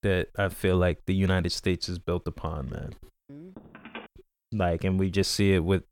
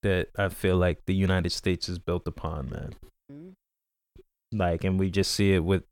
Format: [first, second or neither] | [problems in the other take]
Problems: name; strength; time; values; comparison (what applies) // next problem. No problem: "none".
second | phone ringing; faint; at 3.5 s; peak 15 dB below the speech